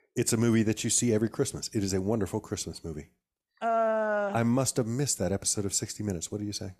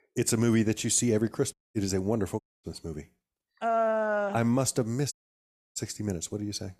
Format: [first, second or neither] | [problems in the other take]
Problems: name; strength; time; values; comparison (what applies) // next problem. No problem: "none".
first | audio cutting out; at 1.5 s, at 2.5 s and at 5 s for 0.5 s